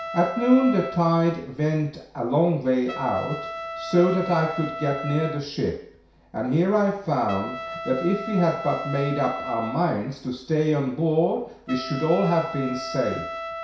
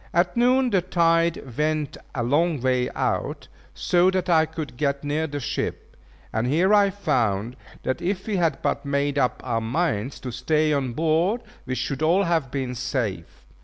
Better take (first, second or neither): second